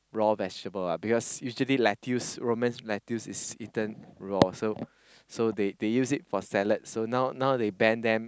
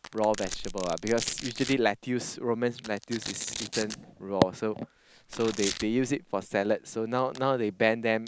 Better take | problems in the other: first | background sound (Domestic sounds, home sounds); 12 dB below the speech

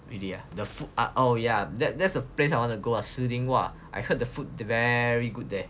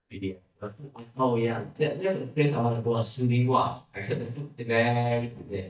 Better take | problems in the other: first | noise reduction (neural mask model DeepFilterNet 3)

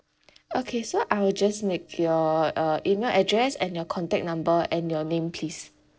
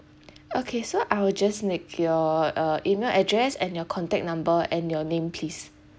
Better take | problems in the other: second | noise reduction (neural separator model SepFormer DNS4)

